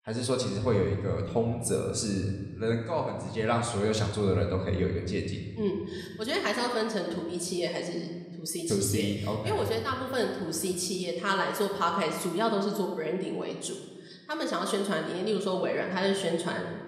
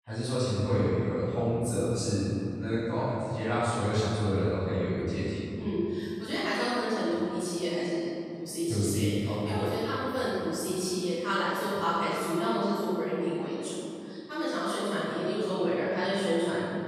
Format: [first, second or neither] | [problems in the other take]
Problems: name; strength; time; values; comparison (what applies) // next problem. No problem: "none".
first | room echo; strong; dies away in 2.7 s; slight in the first // off-mic speech; far; somewhat distant in the first